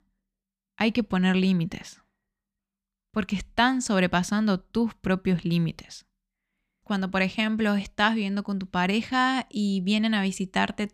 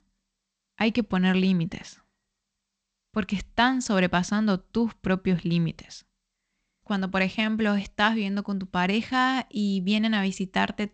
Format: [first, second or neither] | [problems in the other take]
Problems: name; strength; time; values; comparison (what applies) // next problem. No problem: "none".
first | garbled, watery; slightly; nothing above 8 kHz